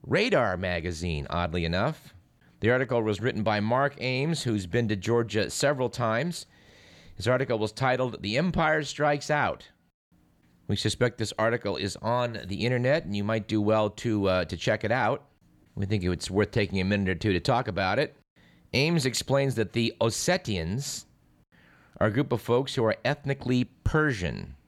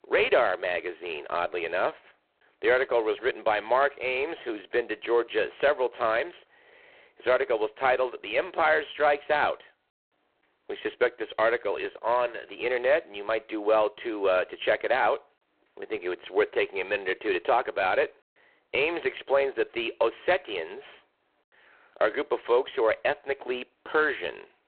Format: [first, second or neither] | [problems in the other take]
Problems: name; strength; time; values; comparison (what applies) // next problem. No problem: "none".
first | phone-call audio; poor line; nothing above 3.5 kHz